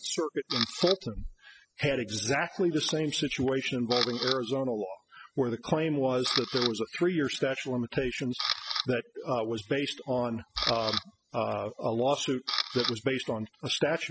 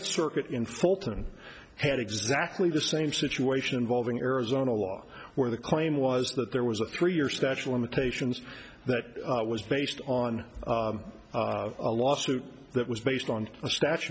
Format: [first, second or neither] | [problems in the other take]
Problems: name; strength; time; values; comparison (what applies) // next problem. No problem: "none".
second | noise reduction (classical method spectral subtraction)